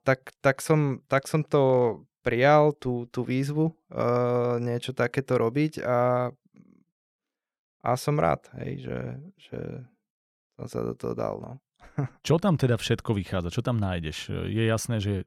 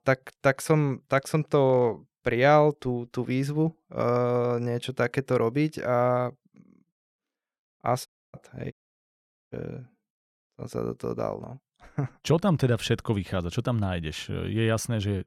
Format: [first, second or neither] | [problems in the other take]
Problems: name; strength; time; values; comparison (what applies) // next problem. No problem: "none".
first | audio cutting out; at 8 s and at 8.5 s for 1 s